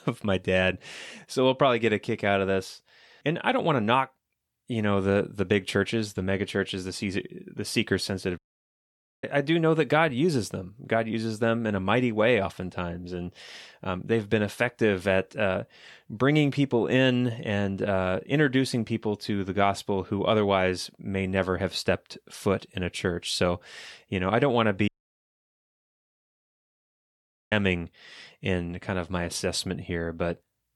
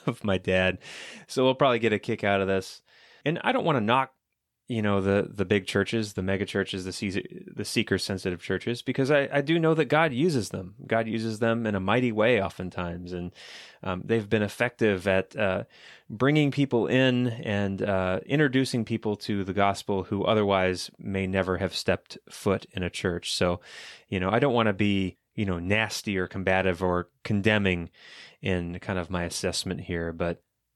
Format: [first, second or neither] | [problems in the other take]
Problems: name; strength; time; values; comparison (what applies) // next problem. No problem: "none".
second | audio cutting out; at 8.5 s for 1 s and at 25 s for 2.5 s